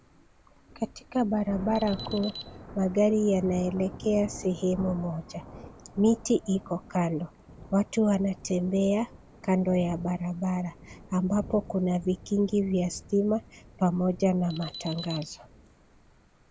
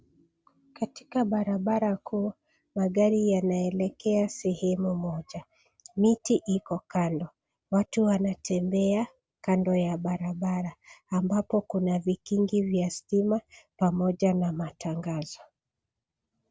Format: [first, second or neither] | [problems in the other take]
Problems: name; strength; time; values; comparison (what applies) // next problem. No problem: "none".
second | background sound (Thunder / Rain + Alarm); 16 dB below the speech